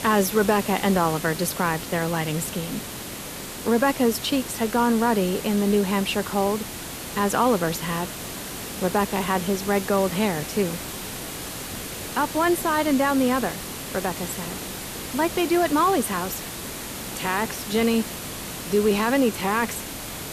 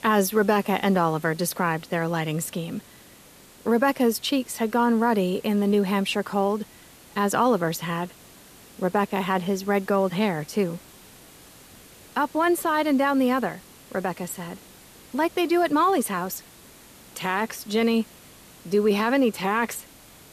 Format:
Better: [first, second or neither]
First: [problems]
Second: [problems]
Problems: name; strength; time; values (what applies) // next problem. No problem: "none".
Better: second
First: hiss; loud; throughout; 9 dB below the speech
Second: hiss; faint; throughout; 25 dB below the speech